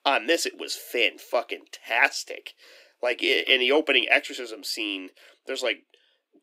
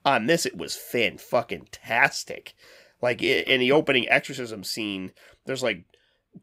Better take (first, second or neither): second